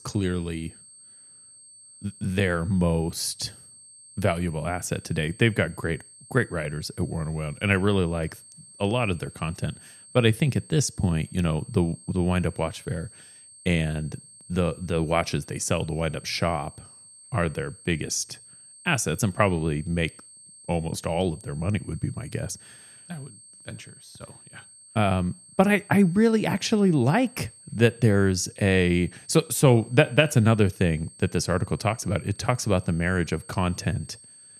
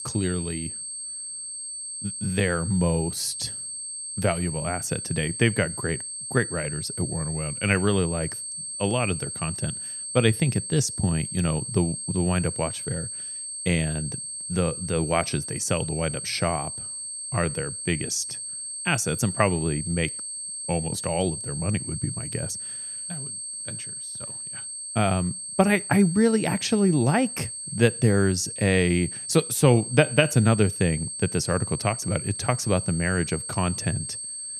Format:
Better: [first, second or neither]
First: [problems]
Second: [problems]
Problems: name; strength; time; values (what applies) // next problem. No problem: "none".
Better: first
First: high-pitched whine; faint; throughout; 8.5 kHz, 20 dB below the speech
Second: high-pitched whine; loud; throughout; 8.5 kHz, 6 dB below the speech